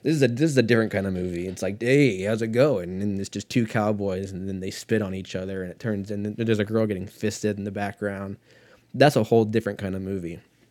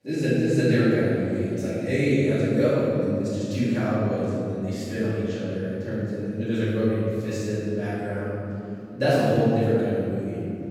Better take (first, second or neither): first